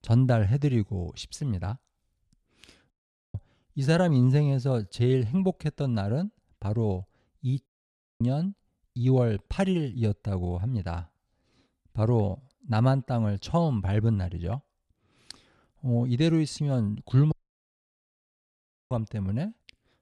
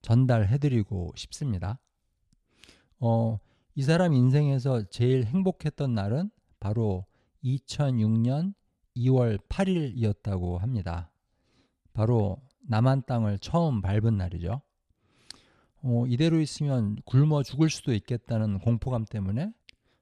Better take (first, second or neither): second